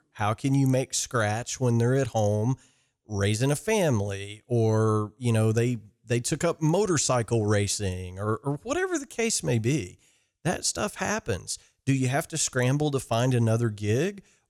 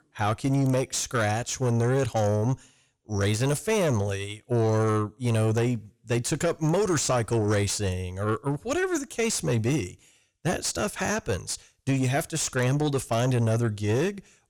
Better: first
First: none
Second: distortion; slight; 10 dB below the speech

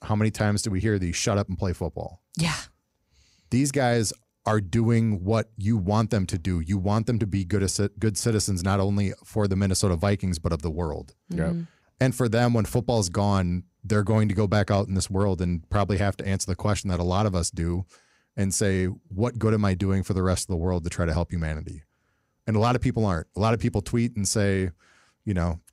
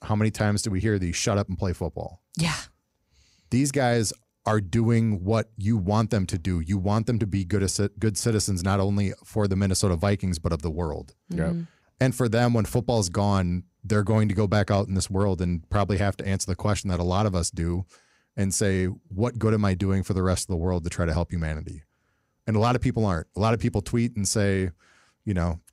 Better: neither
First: none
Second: none

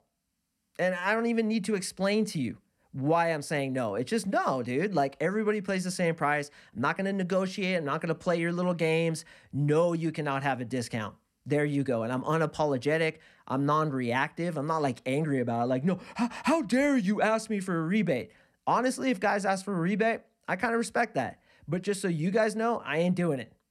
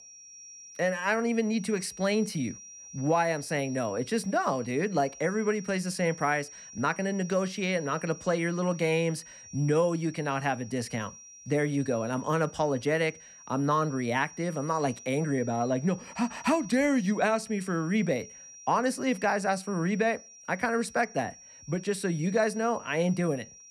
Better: first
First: none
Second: high-pitched whine; noticeable; throughout; 5.5 kHz, 15 dB below the speech

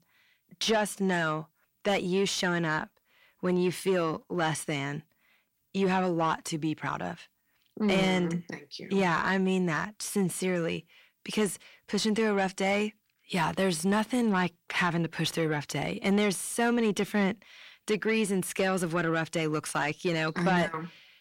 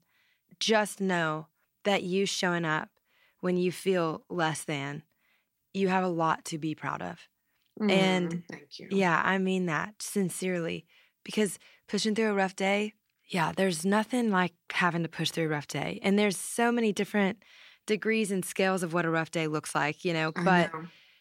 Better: second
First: distortion; slight; 10 dB below the speech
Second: none

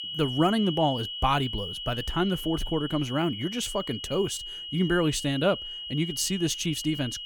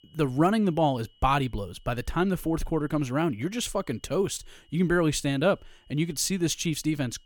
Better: second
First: high-pitched whine; loud; throughout; 3 kHz, 7 dB below the speech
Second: high-pitched whine; faint; throughout; 3 kHz, 35 dB below the speech

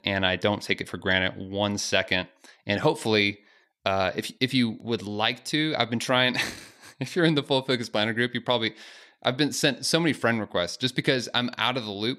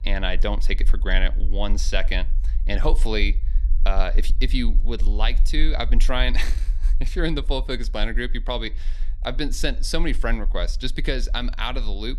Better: first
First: none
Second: low rumble; faint; throughout; 25 dB below the speech

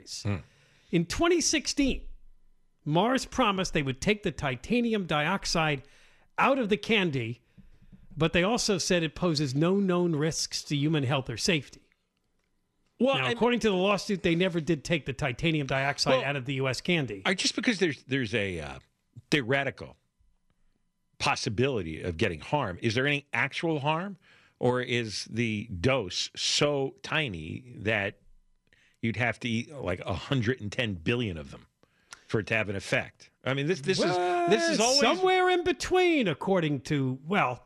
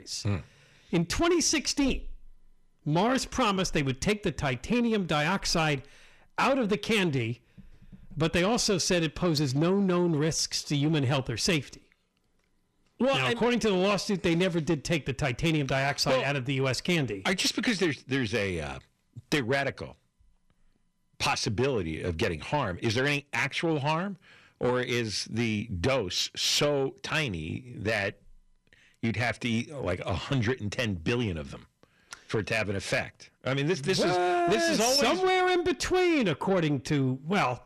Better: first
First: none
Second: distortion; slight; 10 dB below the speech

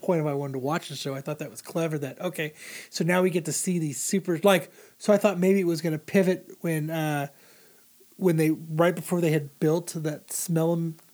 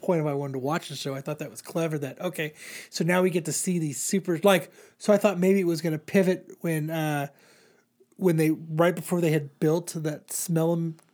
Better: second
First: hiss; faint; throughout; 30 dB below the speech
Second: none

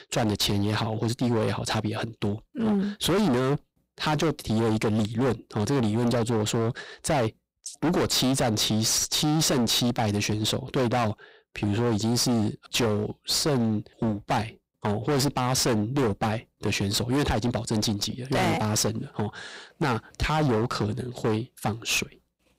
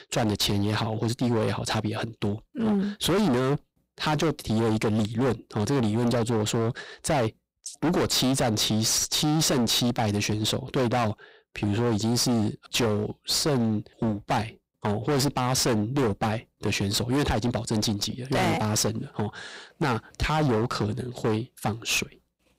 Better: neither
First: distortion; heavy; 26% of the sound clipped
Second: distortion; heavy; 26% of the sound clipped

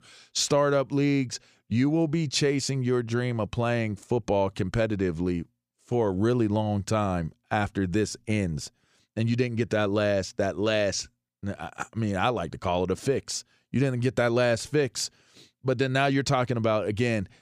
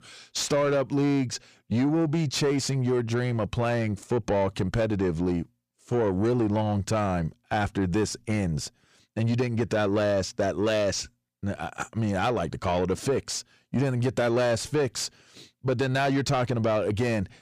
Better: first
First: none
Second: distortion; slight; 10 dB below the speech

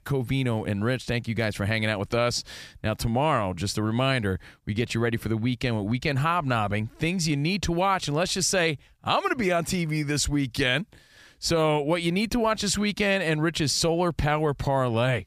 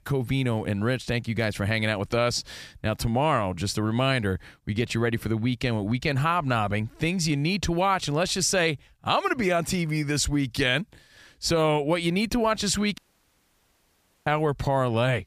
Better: first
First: none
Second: audio cutting out; at 13 s for 1.5 s

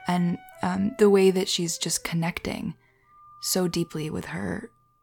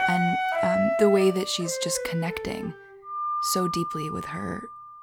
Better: first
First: background music; faint; throughout; 25 dB below the speech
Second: background music; loud; throughout; 2 dB below the speech

